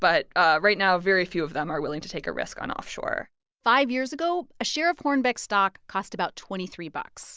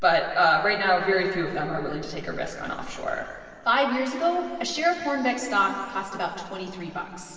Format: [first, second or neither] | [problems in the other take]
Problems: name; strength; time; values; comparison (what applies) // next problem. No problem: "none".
first | room echo; dies away in 2.5 s